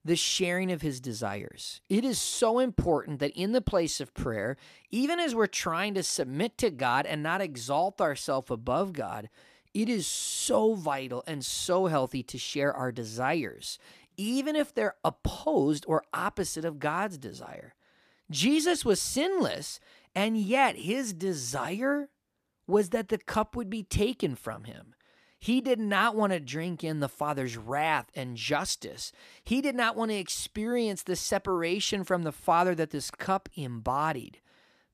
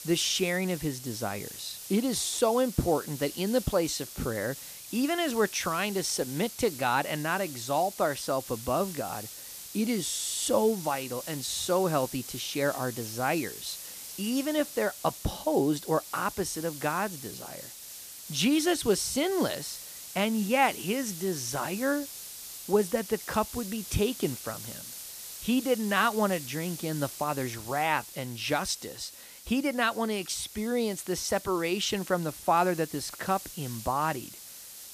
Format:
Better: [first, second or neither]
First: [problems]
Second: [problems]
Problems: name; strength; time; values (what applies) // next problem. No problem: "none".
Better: first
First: none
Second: hiss; noticeable; throughout; 10 dB below the speech